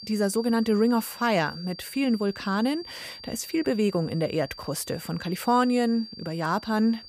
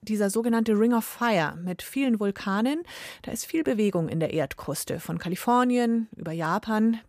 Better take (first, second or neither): second